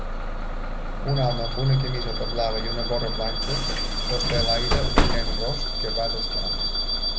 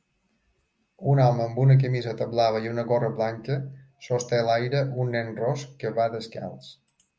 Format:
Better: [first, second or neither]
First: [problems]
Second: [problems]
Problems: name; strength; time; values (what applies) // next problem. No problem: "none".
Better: second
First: background sound (Bus / Alarm); 4 dB above the speech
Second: none